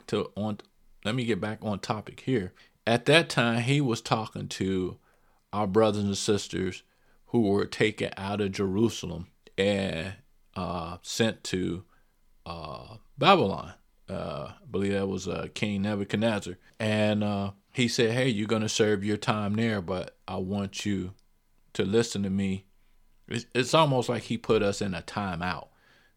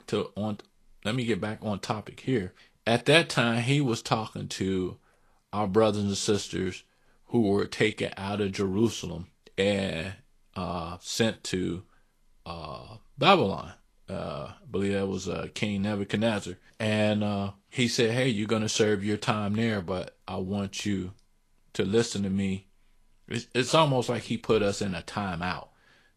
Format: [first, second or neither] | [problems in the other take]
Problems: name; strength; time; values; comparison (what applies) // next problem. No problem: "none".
first | garbled, watery; slightly; nothing above 12.5 kHz